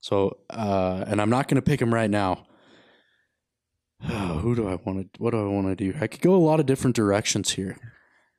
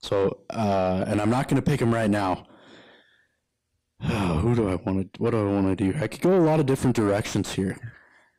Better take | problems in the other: first | distortion; heavy; 8 dB below the speech

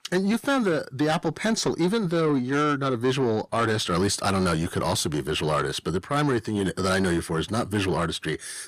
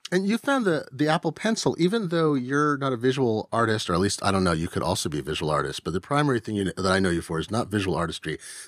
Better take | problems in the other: second | distortion; slight; 10 dB below the speech

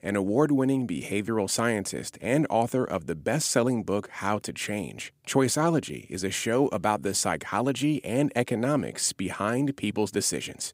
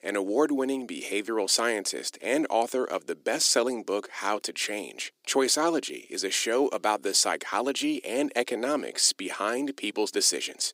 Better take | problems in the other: first | thin; very slightly; fading below 300 Hz

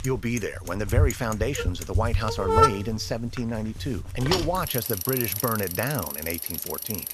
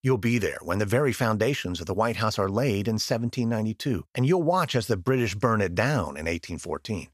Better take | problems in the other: second | traffic noise; very loud; throughout; 2 dB above the speech

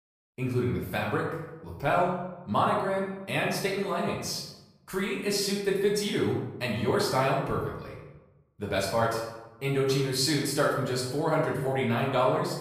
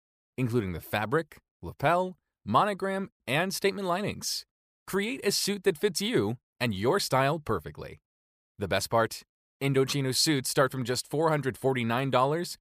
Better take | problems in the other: second | room echo; noticeable; dies away in 0.8 s // off-mic speech; far

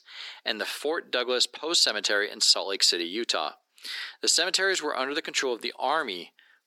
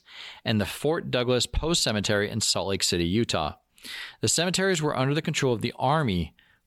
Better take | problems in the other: second | thin; very; fading below 300 Hz

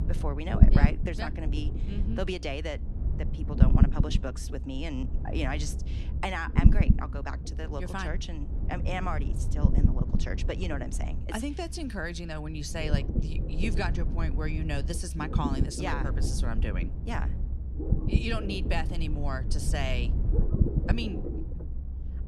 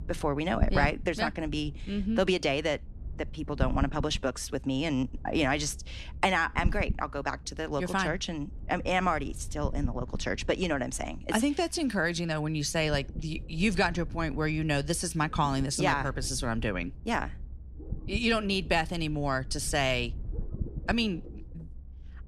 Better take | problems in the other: second | low rumble; loud; throughout; 5 dB below the speech; faint in the second

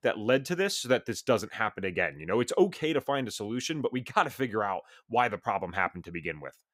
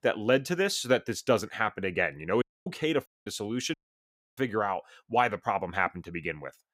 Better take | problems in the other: first | audio cutting out; at 2.5 s, at 3 s and at 3.5 s for 0.5 s

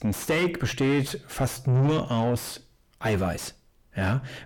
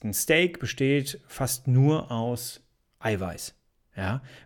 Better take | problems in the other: second | distortion; heavy; 6 dB below the speech

